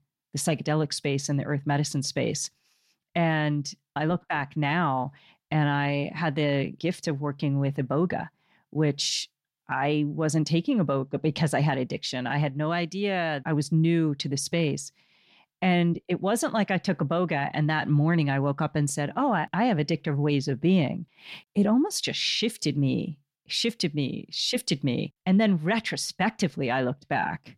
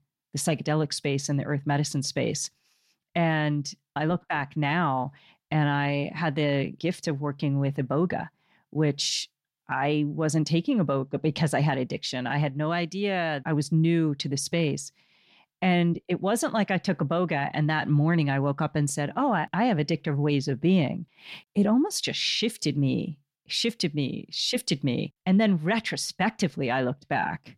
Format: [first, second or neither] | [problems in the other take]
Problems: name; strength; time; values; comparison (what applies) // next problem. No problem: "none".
neither | none